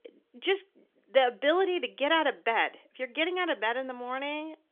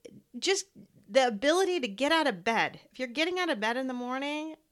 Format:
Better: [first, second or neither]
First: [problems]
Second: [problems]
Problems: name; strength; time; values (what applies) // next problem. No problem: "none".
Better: second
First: phone-call audio; nothing above 3.5 kHz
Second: none